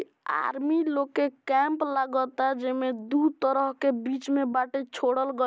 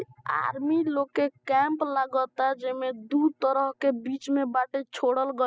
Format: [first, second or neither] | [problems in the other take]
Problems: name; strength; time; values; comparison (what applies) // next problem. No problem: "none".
first | noise reduction (classical method spectral subtraction)